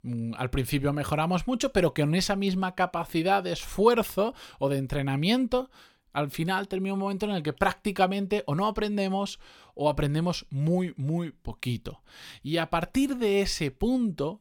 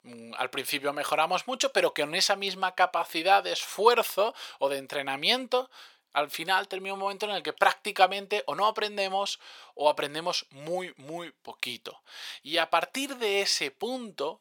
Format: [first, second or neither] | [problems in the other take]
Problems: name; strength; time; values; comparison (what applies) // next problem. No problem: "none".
first | thin; very; fading below 650 Hz